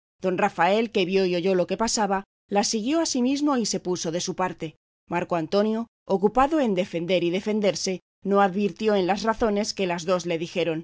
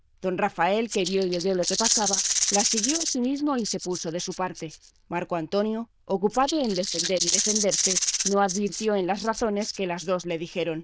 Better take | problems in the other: first | noise reduction (neural diffusion model UNIVERSE++)

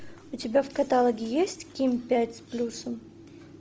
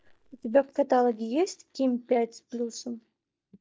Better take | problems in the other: first | noise reduction (neural mask model DeepFilterNet 3)

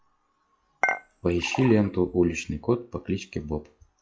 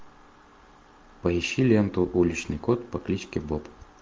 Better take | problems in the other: second | noise reduction (classical method log-MMSE)

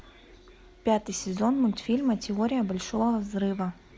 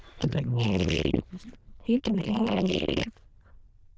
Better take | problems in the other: first | noise reduction (neural diffusion model UNIVERSE++)

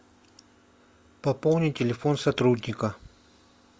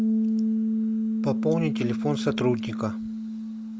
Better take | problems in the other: first | background sound (Piano); 3 dB above the speech

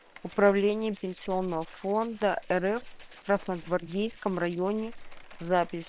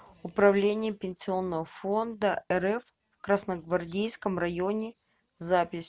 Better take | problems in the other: second | noise reduction (neural separator model SepFormer WHAM!)

